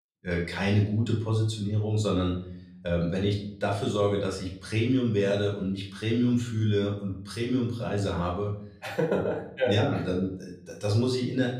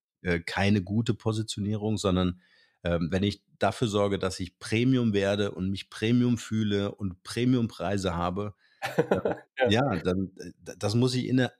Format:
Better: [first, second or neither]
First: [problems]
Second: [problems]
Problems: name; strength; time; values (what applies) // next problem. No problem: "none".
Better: second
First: off-mic speech; far // room echo; slight; dies away in 0.5 s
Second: none